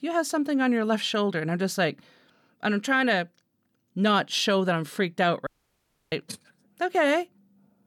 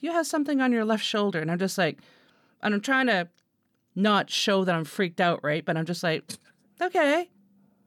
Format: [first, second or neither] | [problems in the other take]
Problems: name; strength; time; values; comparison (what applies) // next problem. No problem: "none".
second | audio cutting out; at 5.5 s for 0.5 s